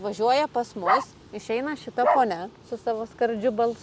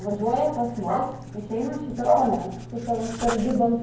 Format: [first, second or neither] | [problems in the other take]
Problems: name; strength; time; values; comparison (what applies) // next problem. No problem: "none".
first | background sound (Writing); 13 dB below the speech // room echo; dies away in 0.9 s